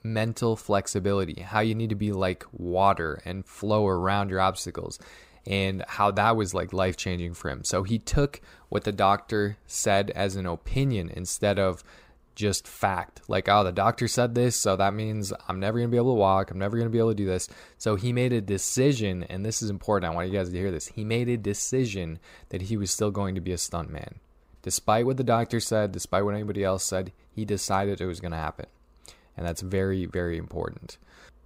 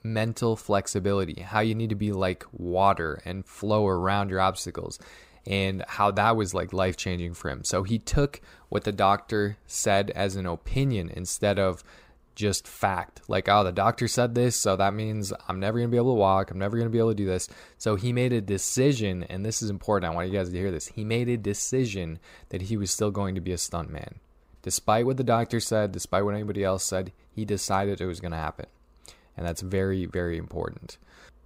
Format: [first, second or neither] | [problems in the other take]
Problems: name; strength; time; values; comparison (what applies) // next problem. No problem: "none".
neither | none